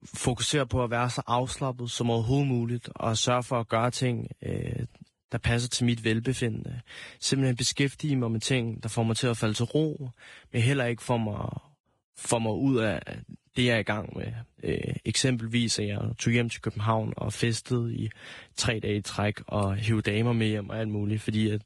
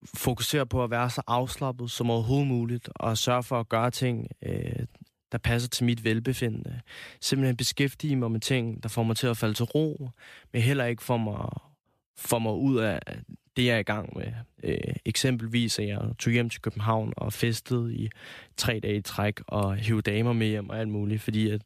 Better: second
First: garbled, watery; badly; nothing above 10.5 kHz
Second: none

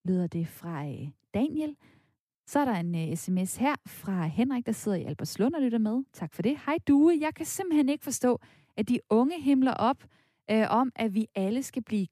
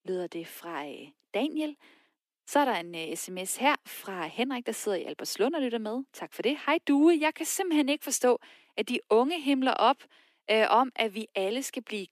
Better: first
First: none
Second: thin; somewhat; fading below 300 Hz

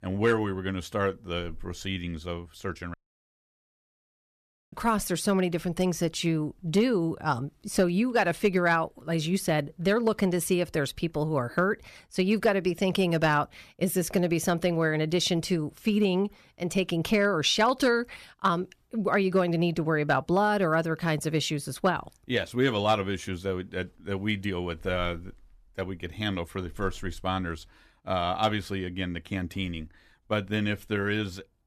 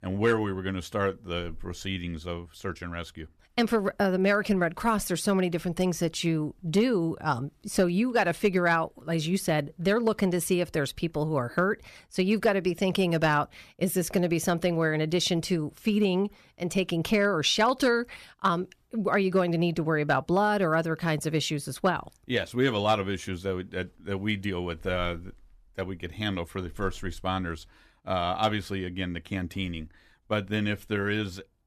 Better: second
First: audio cutting out; at 3 s for 2 s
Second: none

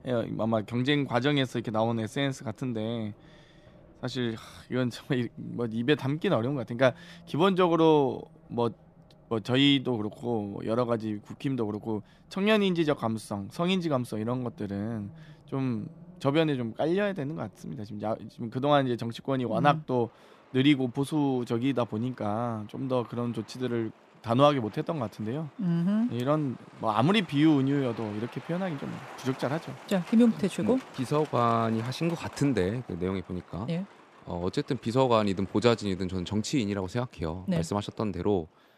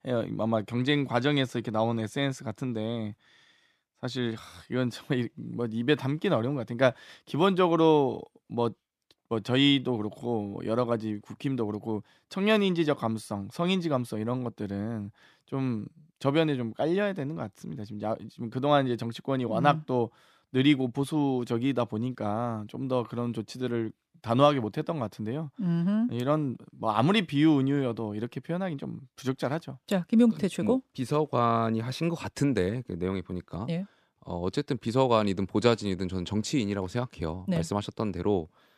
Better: second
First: traffic noise; faint; throughout; 25 dB below the speech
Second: none

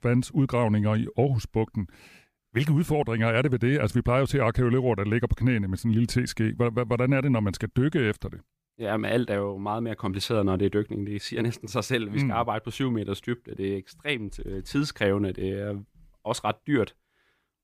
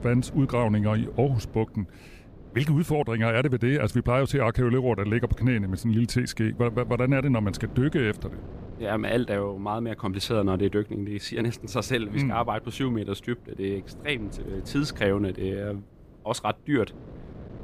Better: first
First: none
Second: wind noise on the microphone; occasional gusts; 20 dB below the speech

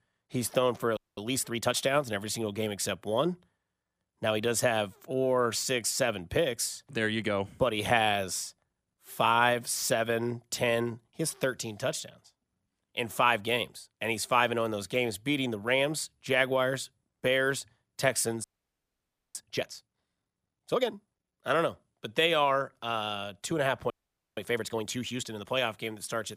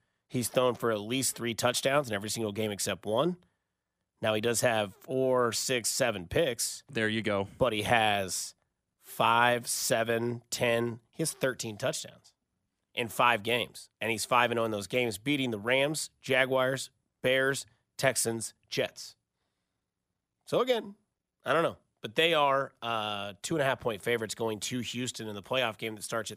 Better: second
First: audio freezing; at 1 s, at 18 s for 1 s and at 24 s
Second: none

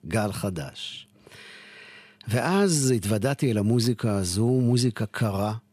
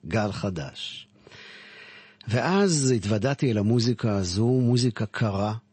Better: first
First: none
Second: garbled, watery; slightly; nothing above 8 kHz

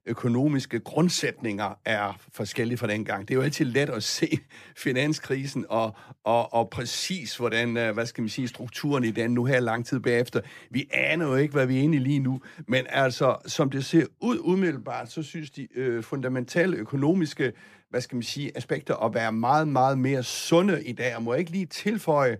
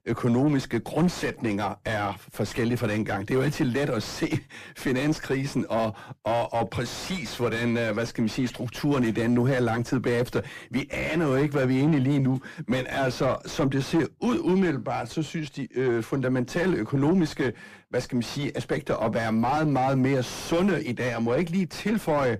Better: first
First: none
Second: distortion; heavy; 5 dB below the speech

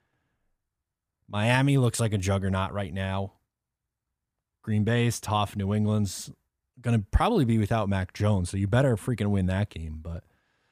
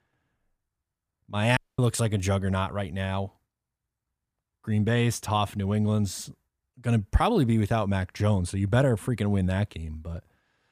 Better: first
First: none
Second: audio cutting out; at 1.5 s

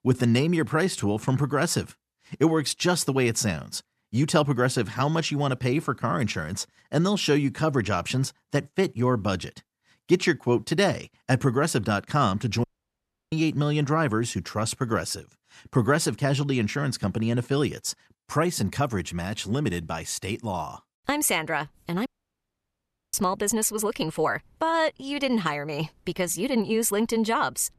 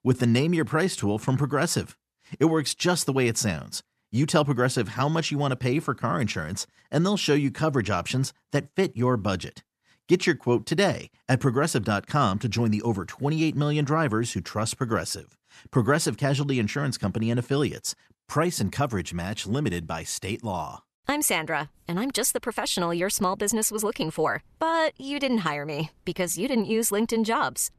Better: second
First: audio cutting out; at 13 s for 0.5 s and at 22 s for 1 s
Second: none

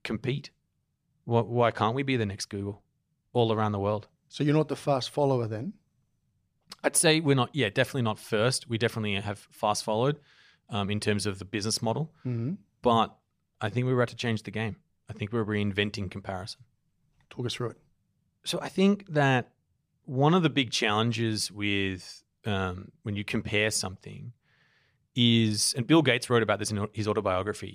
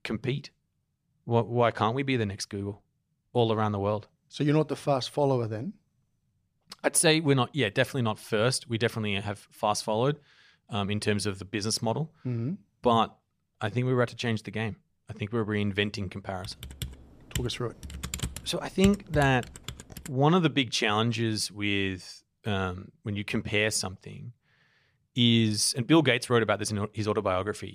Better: first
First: none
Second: keyboard typing; noticeable; from 16 to 20 s; peak 6 dB below the speech

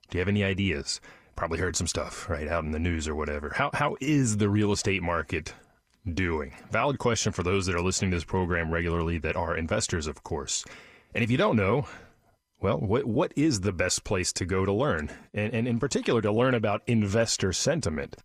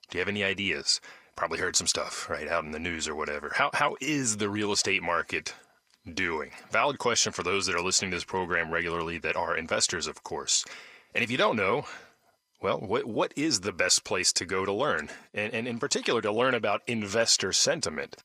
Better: first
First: none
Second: thin; somewhat; fading below 650 Hz

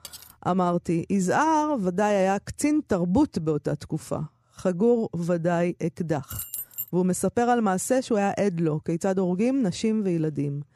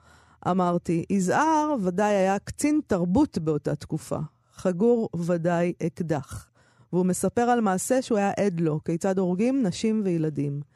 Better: second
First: clattering dishes; faint; at the start; peak 15 dB below the speech // jangling keys; noticeable; at 6.5 s; peak 7 dB below the speech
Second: none

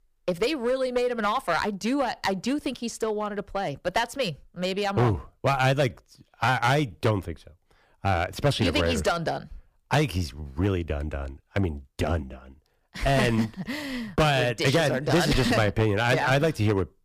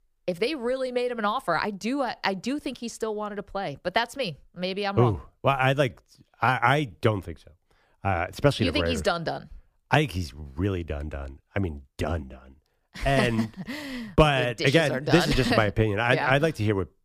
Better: second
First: distortion; heavy; 6% of the sound clipped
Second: none

